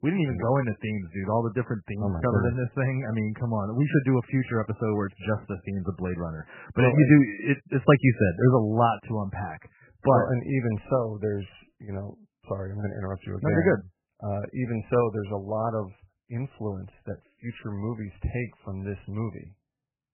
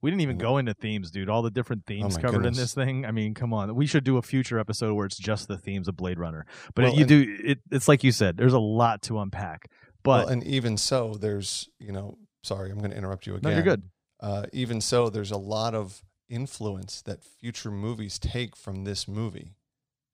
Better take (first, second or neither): second